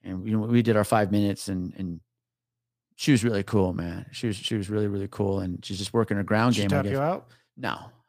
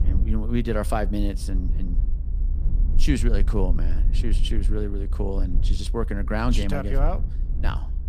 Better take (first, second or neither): first